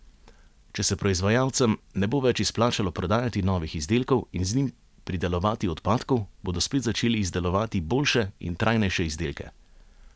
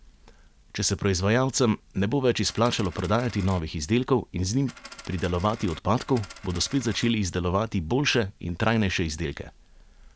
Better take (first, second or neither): first